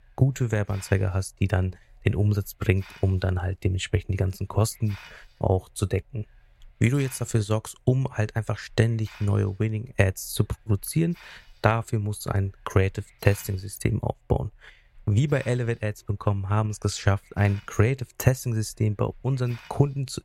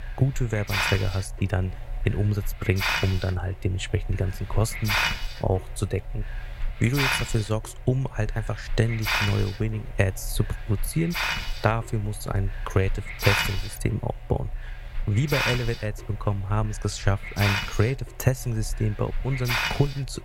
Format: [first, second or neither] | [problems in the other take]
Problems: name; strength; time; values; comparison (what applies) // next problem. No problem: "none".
first | hiss; loud; throughout; 3 dB below the speech; faint in the first